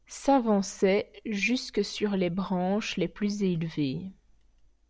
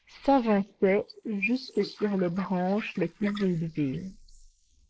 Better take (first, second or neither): first